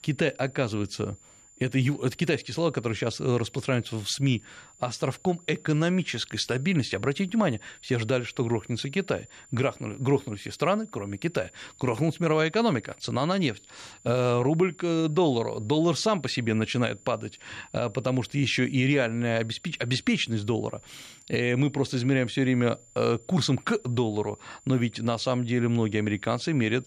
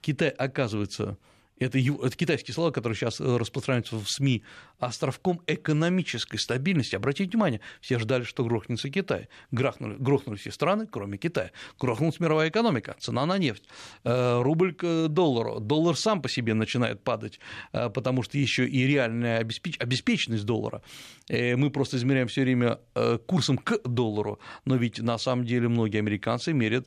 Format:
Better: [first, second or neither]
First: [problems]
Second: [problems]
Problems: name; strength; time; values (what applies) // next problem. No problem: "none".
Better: second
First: high-pitched whine; faint; throughout; 7 kHz, 25 dB below the speech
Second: none